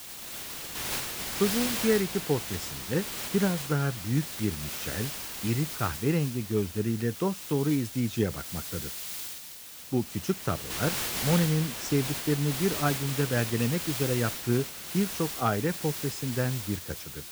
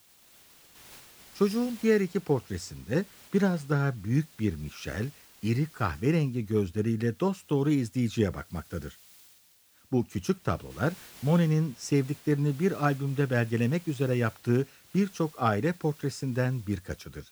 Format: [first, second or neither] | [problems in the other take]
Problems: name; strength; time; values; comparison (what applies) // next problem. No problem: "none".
second | hiss; loud; throughout; 4 dB below the speech; faint in the second